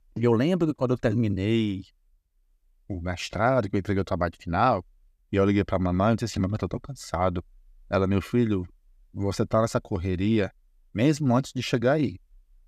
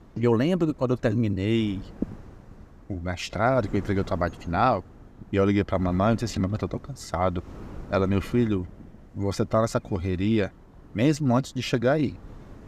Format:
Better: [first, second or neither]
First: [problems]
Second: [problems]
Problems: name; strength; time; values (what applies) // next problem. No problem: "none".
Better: first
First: none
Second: wind noise on the microphone; occasional gusts; 20 dB below the speech